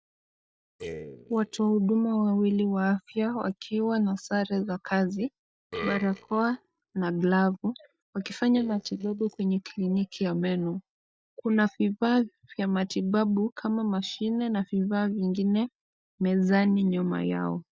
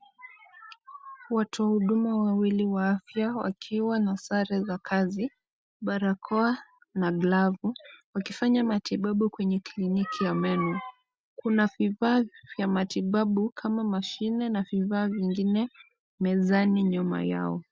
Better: second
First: noise reduction (neural mask model DeepFilterNet 3)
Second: none

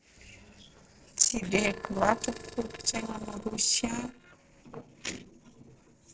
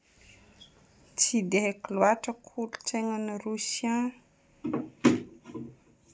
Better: second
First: noise reduction (neural separator model SepFormer DNS4)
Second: none

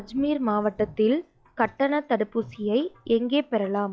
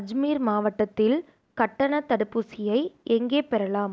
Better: second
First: noise reduction (classical method log-MMSE)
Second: none

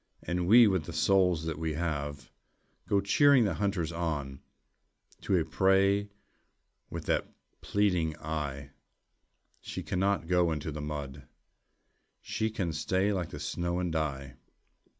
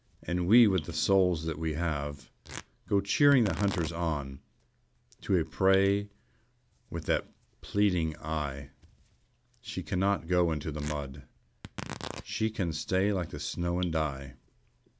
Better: first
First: none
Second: background sound (Tearing + Drip); 18 dB below the speech

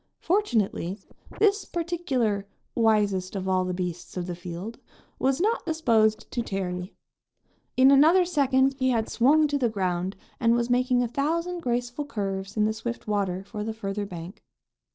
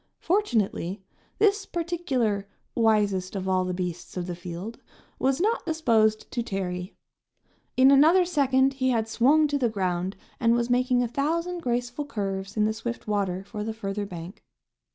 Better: second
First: noise reduction (neural separator model SepFormer DNS4)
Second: none

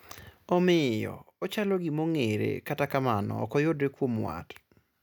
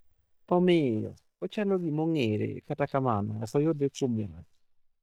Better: first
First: none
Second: noise reduction (neural mask model DeepFilterNet 3)

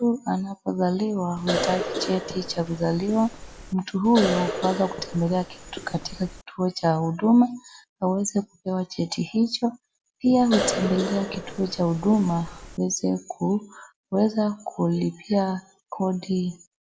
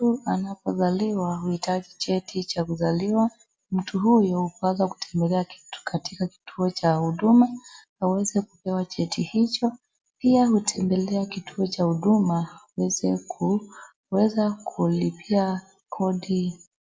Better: second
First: background sound (Cough); 7 dB below the speech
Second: none

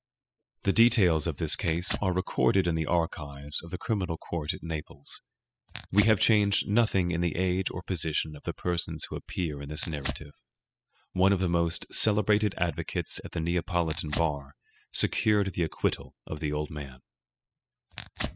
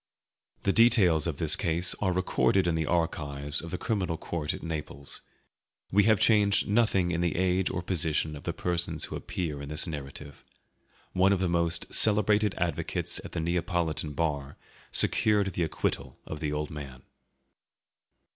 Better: second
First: noise reduction (classical method spectral subtraction)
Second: none

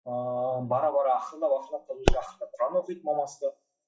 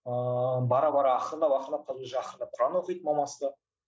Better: second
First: noise reduction (classical method WPE with log-MMSE)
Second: none

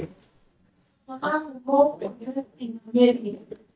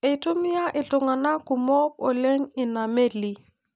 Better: second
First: noise reduction (neural mask model DeepFilterNet 3)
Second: none

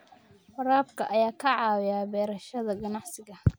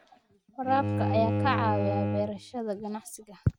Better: first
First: none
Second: noise reduction (neural mask model RNNoise)

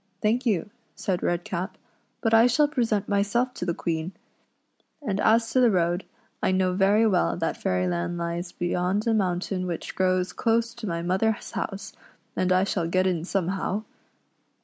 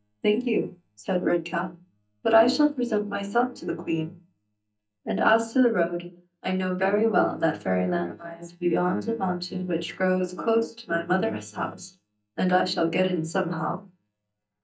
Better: first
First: none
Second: noise reduction (neural mask model DeepFilterNet 3)

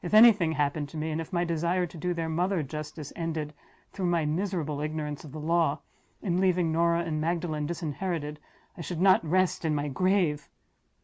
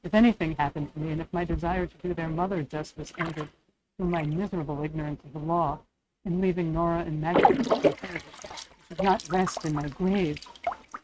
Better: first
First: none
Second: noise reduction (neural mask model RNNoise)

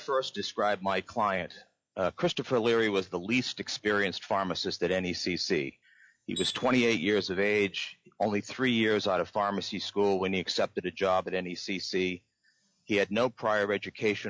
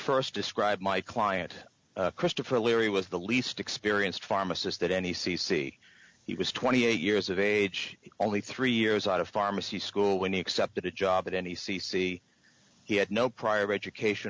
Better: second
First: noise reduction (classical method log-MMSE)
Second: none

